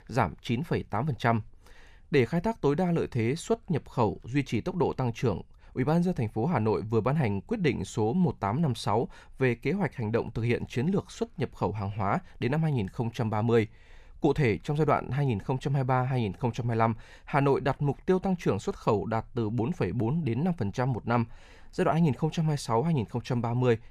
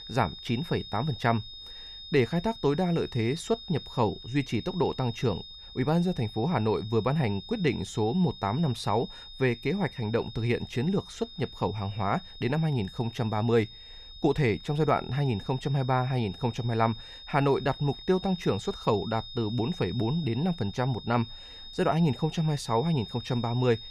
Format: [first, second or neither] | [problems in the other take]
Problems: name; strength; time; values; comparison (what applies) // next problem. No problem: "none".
first | high-pitched whine; noticeable; throughout; 3.5 kHz, 15 dB below the speech